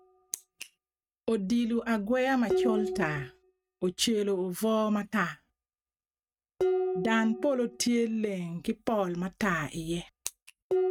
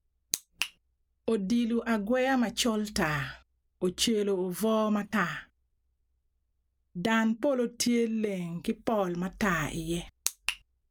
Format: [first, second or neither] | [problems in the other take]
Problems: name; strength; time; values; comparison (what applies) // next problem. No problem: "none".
second | noise reduction (neural mask model RNNoise)